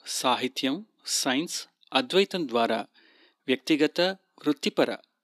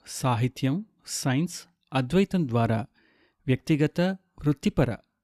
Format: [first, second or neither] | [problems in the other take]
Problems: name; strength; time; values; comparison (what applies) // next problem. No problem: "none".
second | thin; somewhat; fading below 250 Hz